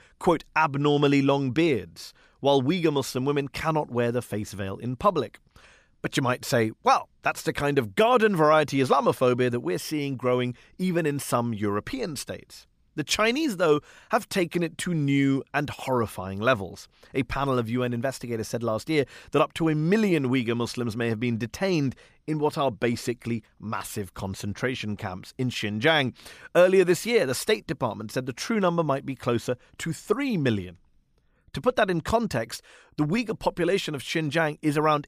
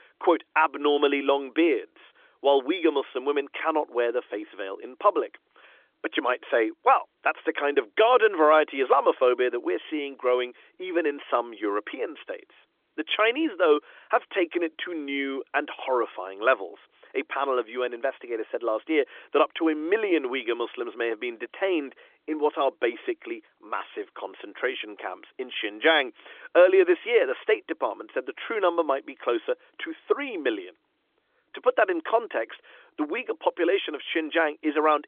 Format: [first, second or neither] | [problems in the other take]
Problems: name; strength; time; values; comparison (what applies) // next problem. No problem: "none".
first | phone-call audio; nothing above 3.5 kHz